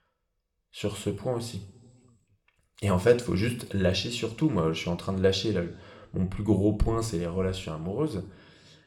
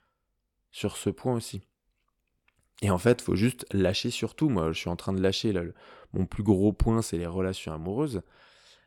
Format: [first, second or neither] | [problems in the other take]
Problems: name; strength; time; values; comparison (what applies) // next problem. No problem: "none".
second | room echo; very slight; dies away in 0.7 s